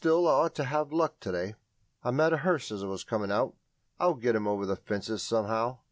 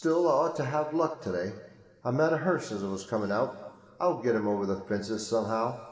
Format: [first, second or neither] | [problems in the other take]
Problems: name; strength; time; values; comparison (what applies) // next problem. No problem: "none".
first | room echo; dies away in 2.1 s